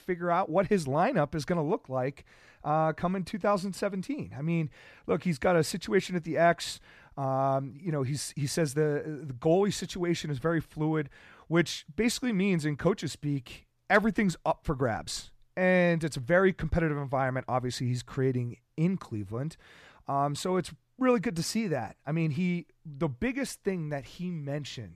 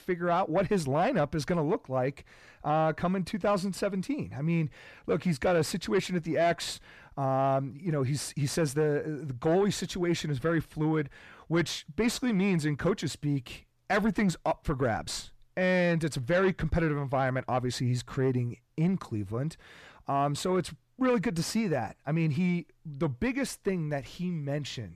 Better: first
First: none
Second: distortion; slight; 10 dB below the speech

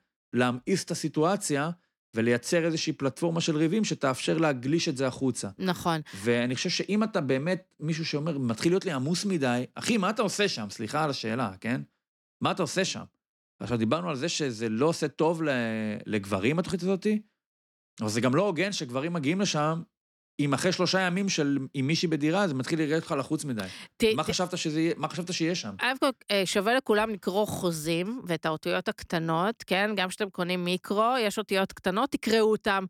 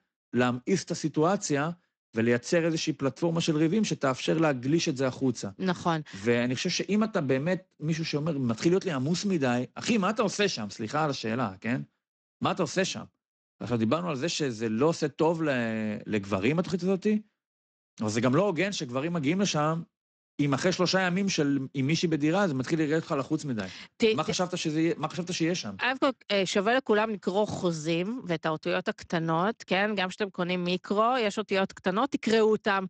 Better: first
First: none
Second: garbled, watery; slightly; nothing above 7.5 kHz

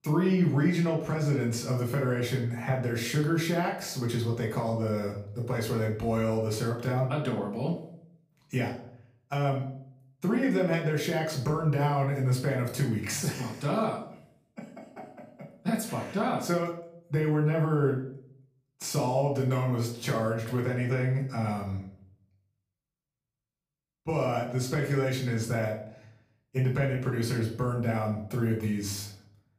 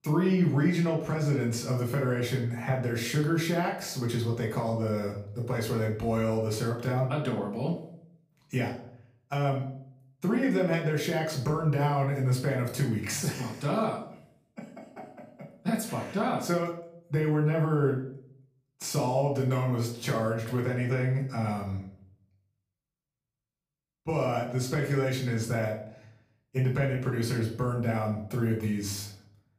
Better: neither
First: off-mic speech; far // room echo; slight; dies away in 0.5 s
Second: off-mic speech; far // room echo; slight; dies away in 0.5 s

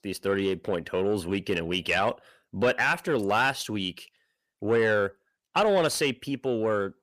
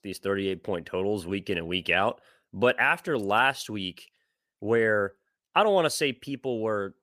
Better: second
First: distortion; slight; 10 dB below the speech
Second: none

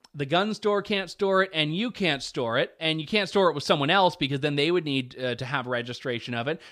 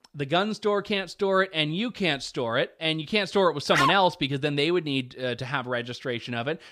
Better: first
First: none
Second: dog barking; loud; at 3.5 s; peak 2 dB above the speech

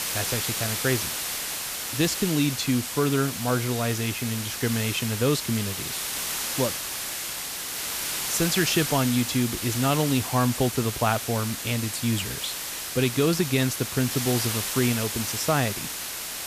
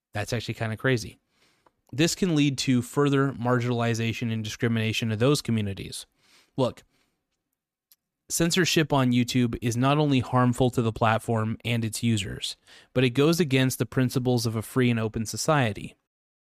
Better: second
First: hiss; loud; throughout; 3 dB below the speech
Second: none

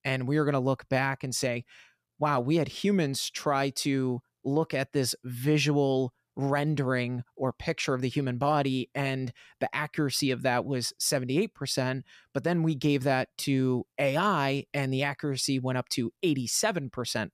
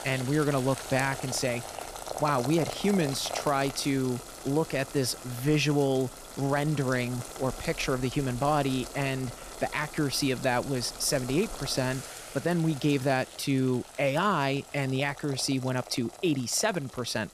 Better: first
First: none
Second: household noises; noticeable; throughout; 10 dB below the speech

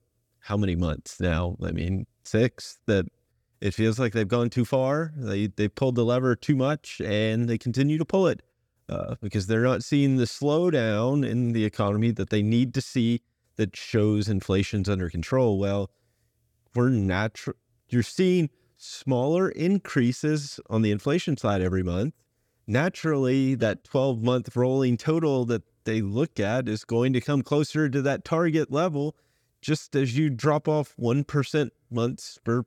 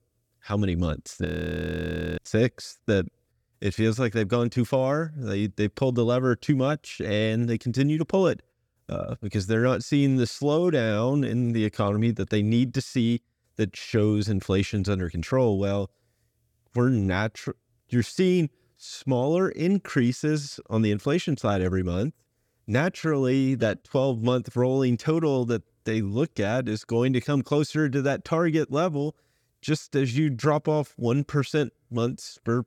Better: first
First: none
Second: audio freezing; at 1.5 s for 1 s

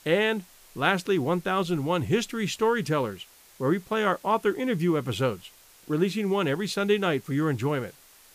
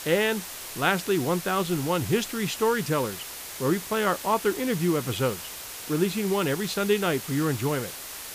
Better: first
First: hiss; faint; throughout; 25 dB below the speech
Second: hiss; loud; throughout; 9 dB below the speech

